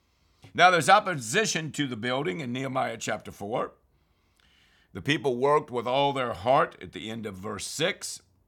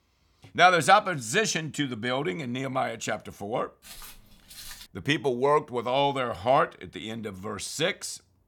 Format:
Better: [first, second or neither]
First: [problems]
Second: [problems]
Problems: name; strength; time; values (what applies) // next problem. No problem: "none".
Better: first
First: none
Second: footsteps; faint; from 4 to 5 s; peak 15 dB below the speech